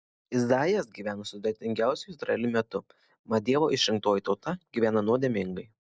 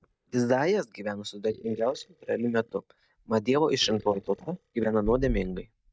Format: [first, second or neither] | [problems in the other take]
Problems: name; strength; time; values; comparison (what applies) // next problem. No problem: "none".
first | noise reduction (neural mask model DeepFilterNet 3)